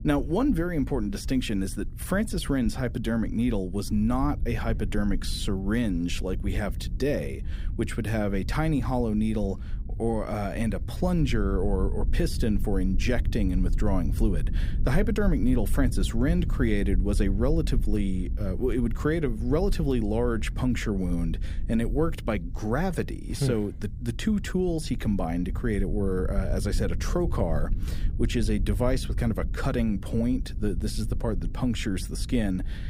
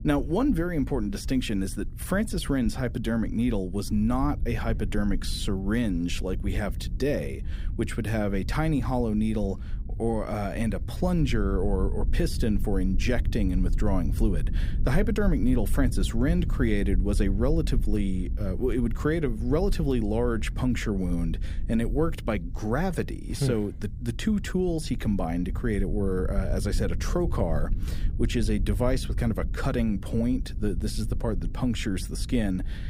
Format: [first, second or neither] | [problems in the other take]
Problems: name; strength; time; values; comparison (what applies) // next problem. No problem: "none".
neither | low rumble; noticeable; throughout; 15 dB below the speech; the same in both